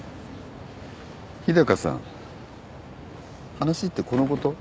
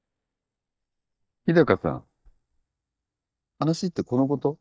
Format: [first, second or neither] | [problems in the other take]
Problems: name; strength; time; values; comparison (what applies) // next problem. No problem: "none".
first | noise reduction (neural mask model DeepFilterNet 3)